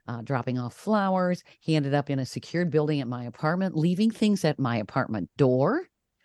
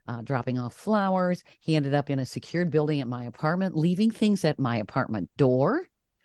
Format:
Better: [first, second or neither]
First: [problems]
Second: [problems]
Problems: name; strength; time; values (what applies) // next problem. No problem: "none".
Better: first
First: none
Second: garbled, watery; slightly